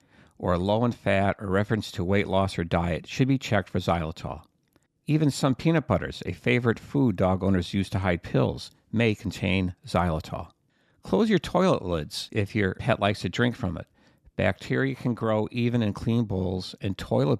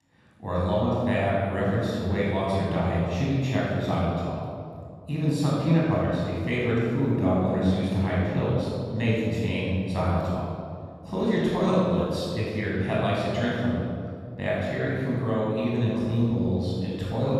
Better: first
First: none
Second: off-mic speech; far // room echo; strong; dies away in 2.1 s

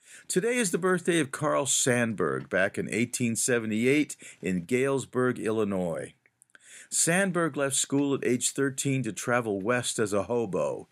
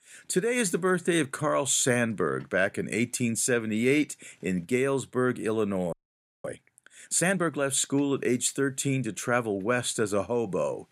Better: first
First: none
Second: audio freezing; at 6 s for 0.5 s

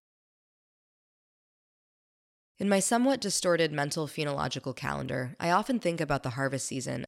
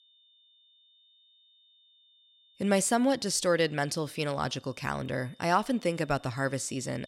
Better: first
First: none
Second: high-pitched whine; faint; throughout; 3.5 kHz, 30 dB below the speech

